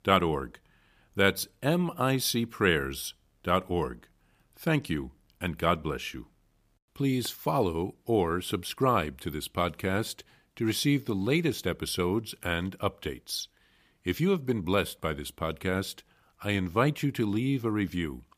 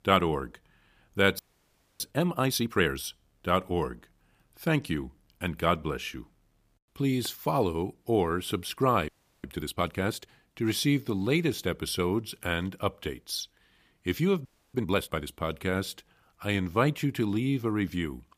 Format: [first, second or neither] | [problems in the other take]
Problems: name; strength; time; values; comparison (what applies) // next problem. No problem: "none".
first | audio freezing; at 1.5 s for 0.5 s, at 9 s and at 14 s